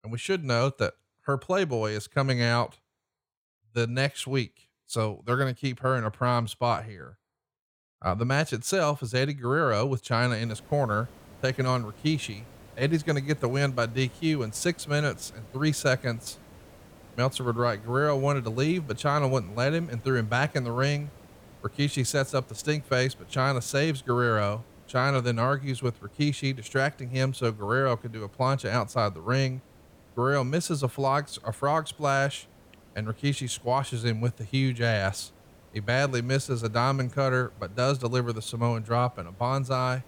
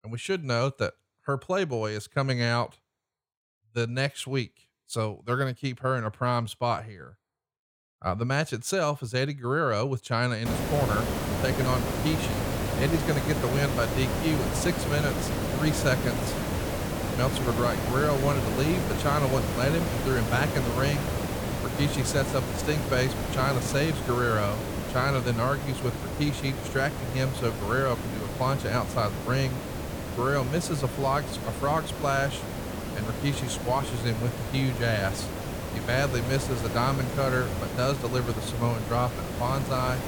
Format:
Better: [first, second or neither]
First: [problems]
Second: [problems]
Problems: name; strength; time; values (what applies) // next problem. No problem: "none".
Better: first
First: hiss; faint; from 10 s on; 25 dB below the speech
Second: hiss; loud; from 10 s on; 3 dB below the speech